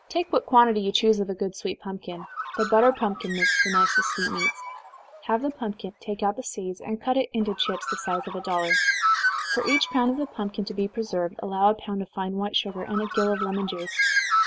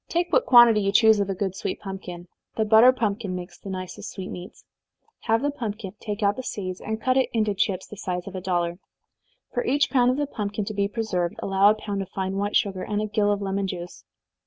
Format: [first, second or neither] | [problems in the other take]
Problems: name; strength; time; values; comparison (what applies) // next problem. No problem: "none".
second | background sound (Bird); 3 dB below the speech